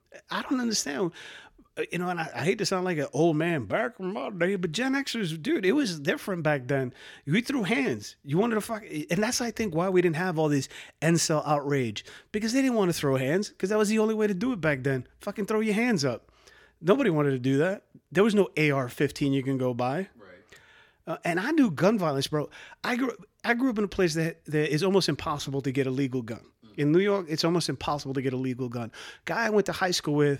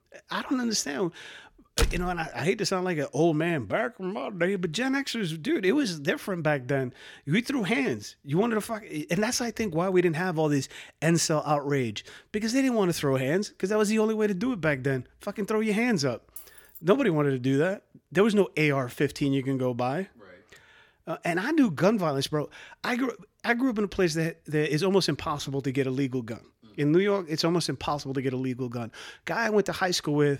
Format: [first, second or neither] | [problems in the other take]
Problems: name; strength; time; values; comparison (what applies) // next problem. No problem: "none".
first | door banging; noticeable; at 2 s; peak 2 dB below the speech // jangling keys; faint; at 16 s; peak 15 dB below the speech